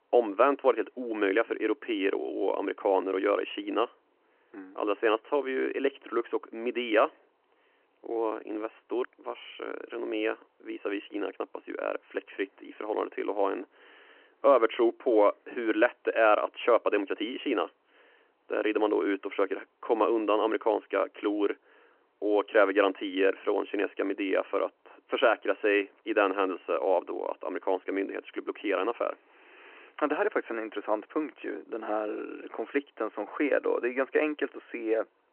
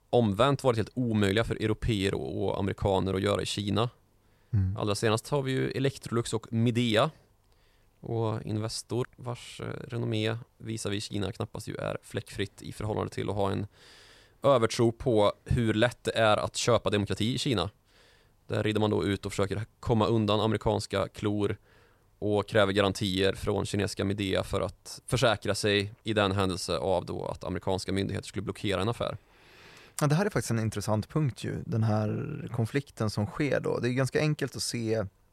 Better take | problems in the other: second | phone-call audio

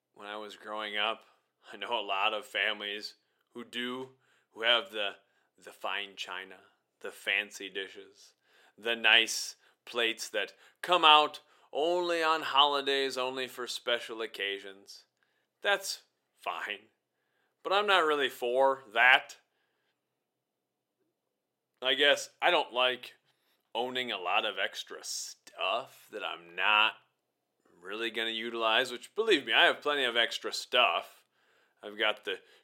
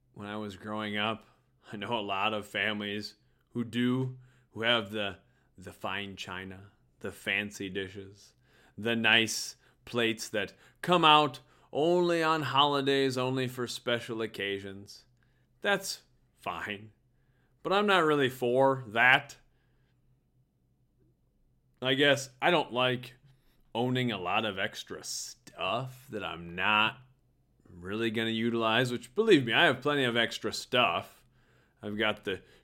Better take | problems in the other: second | thin; somewhat; fading below 550 Hz

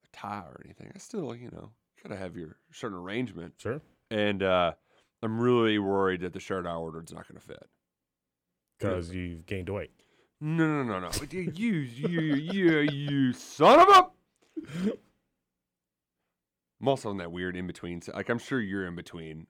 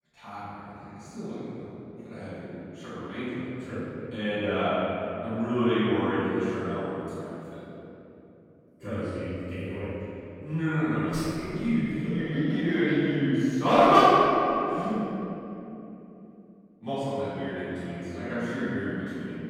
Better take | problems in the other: first | room echo; strong; dies away in 3 s // off-mic speech; far

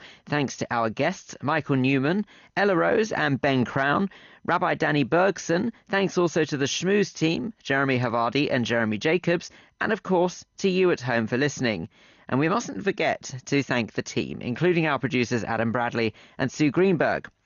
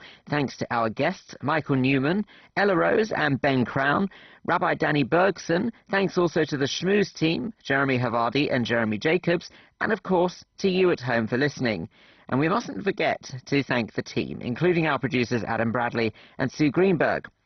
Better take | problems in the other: first | garbled, watery; badly; nothing above 6 kHz; slightly in the first

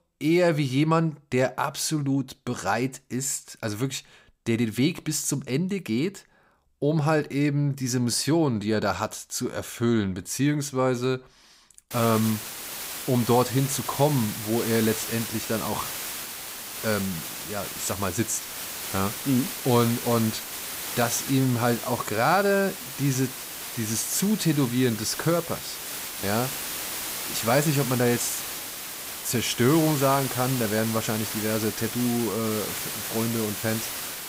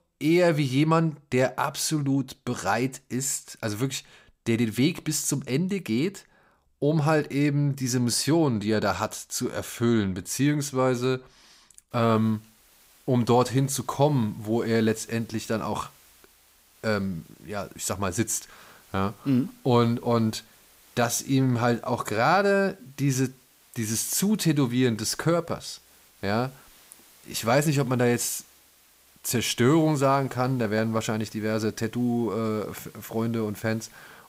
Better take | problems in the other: second | hiss; loud; from 12 s on; 6 dB below the speech; faint in the second

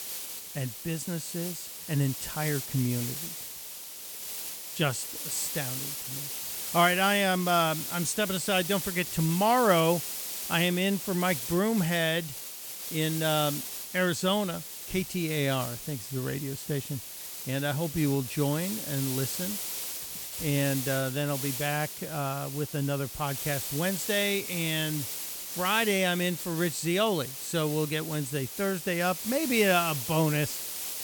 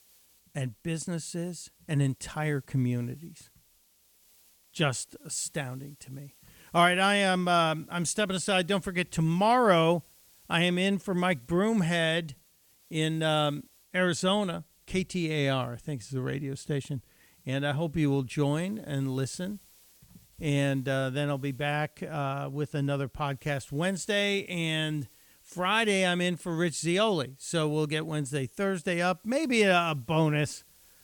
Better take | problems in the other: second | hiss; loud; throughout; 6 dB below the speech; faint in the second

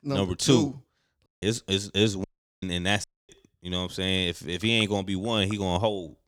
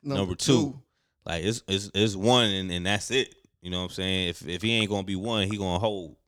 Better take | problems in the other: second | audio cutting out; at 1.5 s, at 2 s and at 3 s

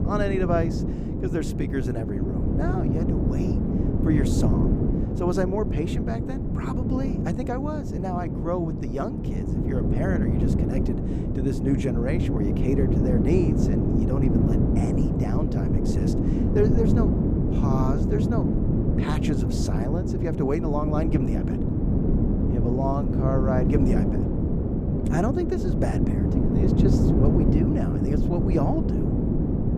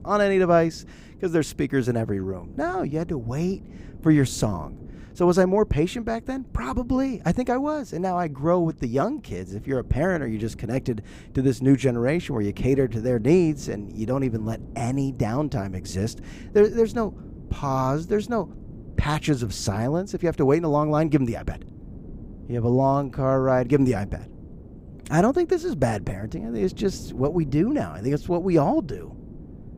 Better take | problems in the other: second | wind noise on the microphone; heavy; as loud as the speech; occasional gusts in the second

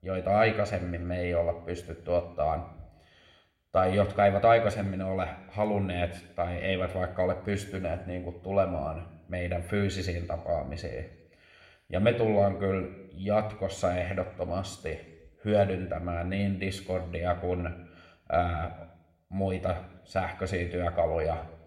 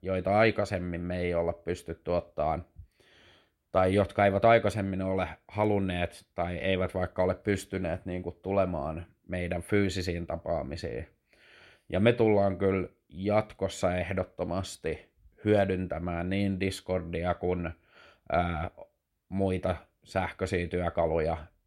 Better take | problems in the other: second | room echo; slight; dies away in 0.8 s

